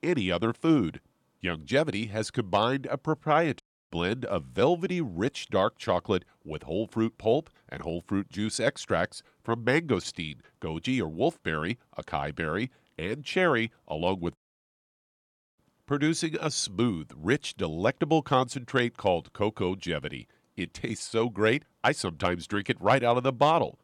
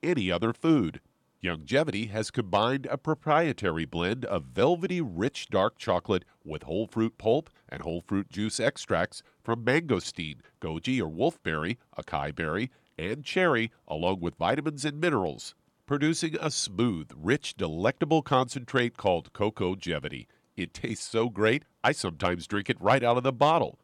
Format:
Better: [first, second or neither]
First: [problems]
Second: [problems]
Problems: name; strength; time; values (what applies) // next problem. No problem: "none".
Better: second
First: audio cutting out; at 3.5 s and at 14 s for 1 s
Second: none